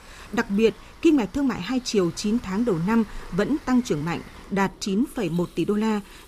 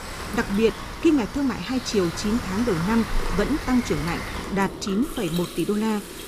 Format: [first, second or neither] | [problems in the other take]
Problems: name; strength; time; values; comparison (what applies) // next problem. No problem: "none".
first | rain or running water; loud; throughout; 8 dB below the speech; faint in the first